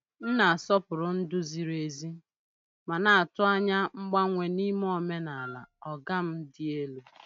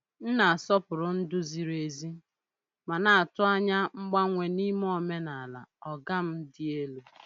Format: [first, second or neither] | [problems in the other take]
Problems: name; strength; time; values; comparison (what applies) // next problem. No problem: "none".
second | noise reduction (neural mask model RNNoise)